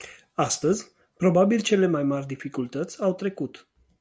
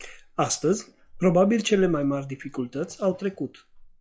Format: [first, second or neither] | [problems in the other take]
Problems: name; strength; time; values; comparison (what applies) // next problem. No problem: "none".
first | noise reduction (classical method log-MMSE)